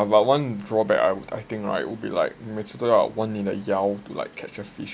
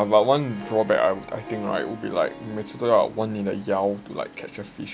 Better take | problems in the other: first | background sound (Harp); 18 dB below the speech

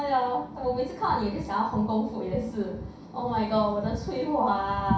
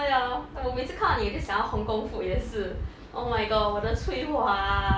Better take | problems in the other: second | room echo; dies away in 0.5 s

